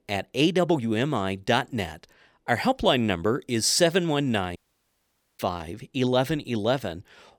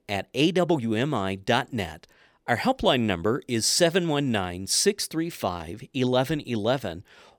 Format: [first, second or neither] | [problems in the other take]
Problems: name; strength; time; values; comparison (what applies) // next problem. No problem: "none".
second | audio cutting out; at 4.5 s for 1 s